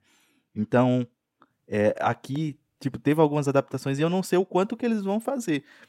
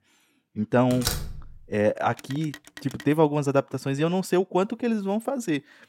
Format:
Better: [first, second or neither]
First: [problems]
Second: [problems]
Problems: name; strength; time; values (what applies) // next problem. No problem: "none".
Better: first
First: none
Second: door banging; noticeable; at 1 s; peak 3 dB below the speech // phone ringing; faint; at 2 s; peak 20 dB below the speech